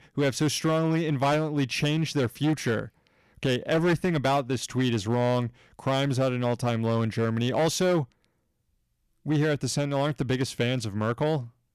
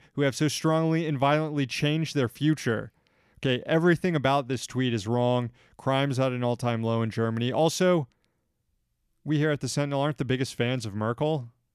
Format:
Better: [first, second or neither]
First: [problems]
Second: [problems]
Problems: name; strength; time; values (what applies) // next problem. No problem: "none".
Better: second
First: distortion; slight; 9% of the sound clipped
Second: none